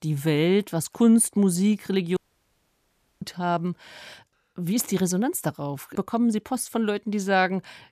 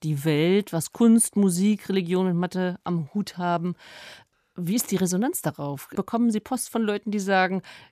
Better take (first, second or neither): second